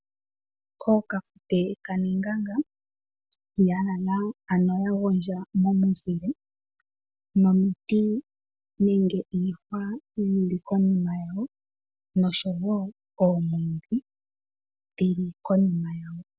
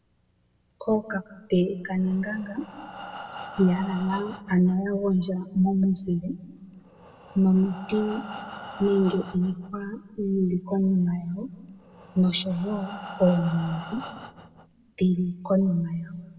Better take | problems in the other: first | background sound (Breathing); 18 dB below the speech // room echo; dies away in 1.1 s

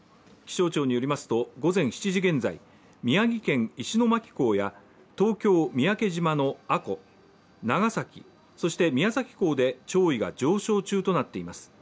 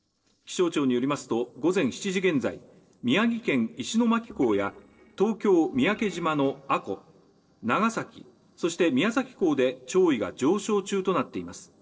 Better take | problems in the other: first | noise reduction (neural separator model SepFormer DNS4)

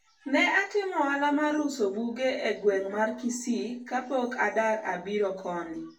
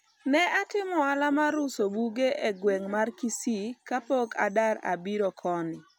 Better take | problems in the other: second | room echo; dies away in 0.3 s

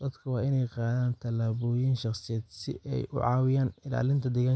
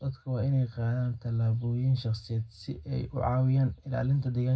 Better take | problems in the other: first | room echo; dies away in 0.3 s

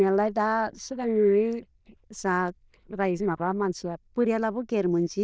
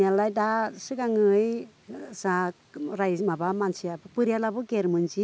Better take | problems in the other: second | noise reduction (neural diffusion model UNIVERSE++)

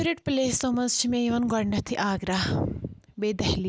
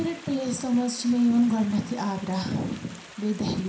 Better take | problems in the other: first | background sound (Stream); 20 dB below the speech // room echo; dies away in 0.5 s

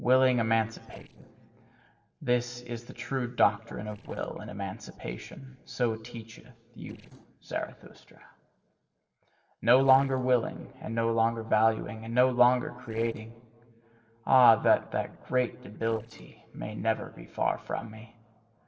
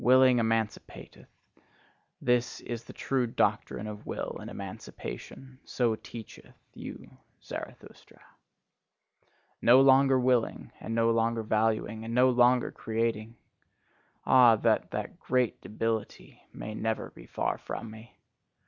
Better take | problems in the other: second | noise reduction (neural separator model SepFormer DNS4)

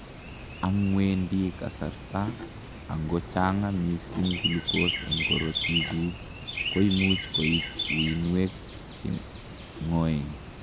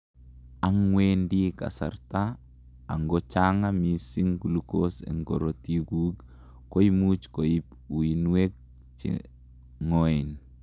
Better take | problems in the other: second | background sound (Chirp, tweet); 5 dB below the speech

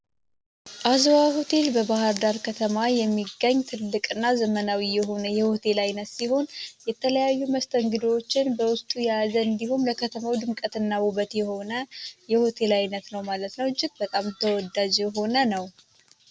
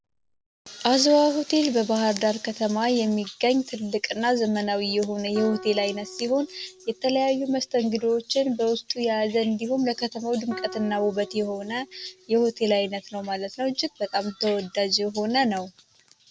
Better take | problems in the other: first | background sound (Guitar); 20 dB below the speech

